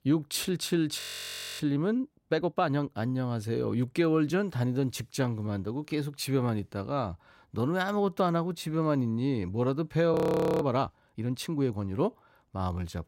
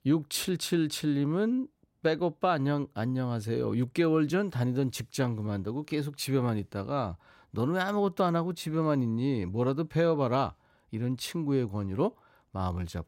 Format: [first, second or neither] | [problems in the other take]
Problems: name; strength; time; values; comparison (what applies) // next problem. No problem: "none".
second | audio freezing; at 1 s for 0.5 s and at 10 s